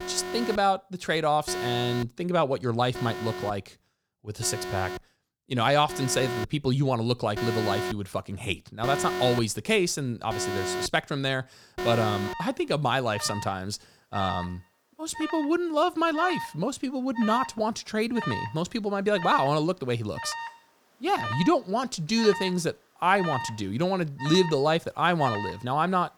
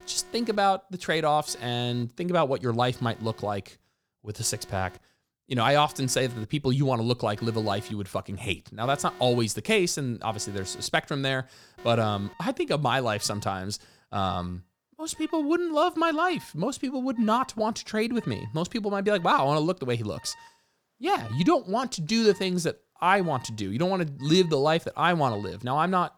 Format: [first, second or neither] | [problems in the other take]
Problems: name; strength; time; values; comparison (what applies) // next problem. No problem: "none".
second | alarms or sirens; loud; throughout; 8 dB below the speech; faint in the second